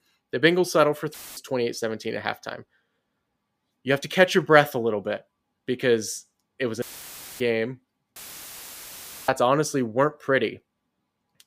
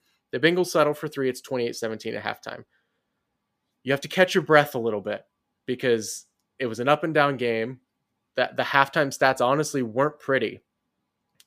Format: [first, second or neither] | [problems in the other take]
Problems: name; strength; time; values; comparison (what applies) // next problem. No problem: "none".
second | audio cutting out; filled with static; at 1 s, at 7 s for 0.5 s and at 8 s for 1 s